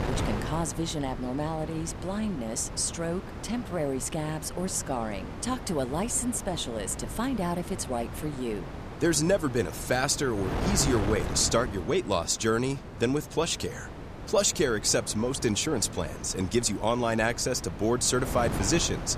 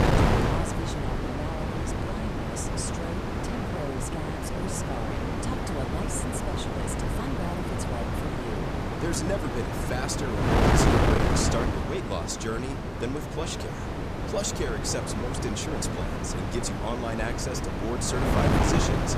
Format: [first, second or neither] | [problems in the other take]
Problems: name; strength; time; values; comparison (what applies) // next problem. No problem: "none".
first | wind noise on the microphone; heavy; 4 dB above the speech; occasional gusts in the first